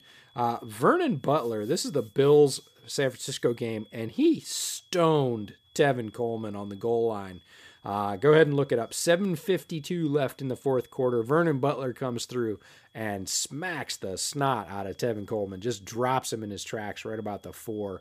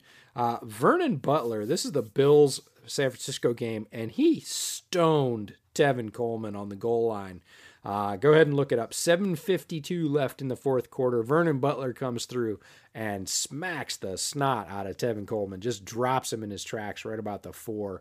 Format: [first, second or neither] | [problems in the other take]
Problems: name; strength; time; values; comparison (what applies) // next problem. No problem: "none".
second | high-pitched whine; faint; throughout; 3.5 kHz, 30 dB below the speech